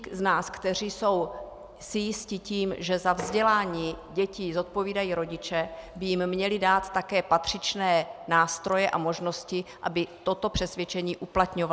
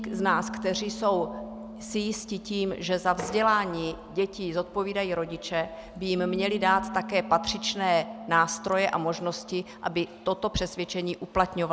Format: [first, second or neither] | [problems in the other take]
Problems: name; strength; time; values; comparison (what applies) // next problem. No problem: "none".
first | background sound (Bass guitar); 13 dB below the speech